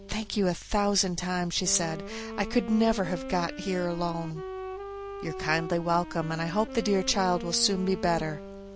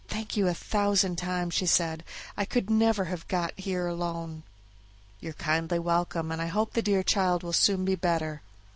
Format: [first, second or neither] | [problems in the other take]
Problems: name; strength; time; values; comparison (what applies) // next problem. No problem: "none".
second | background sound (Wind instrument, woodwind instrument); 11 dB below the speech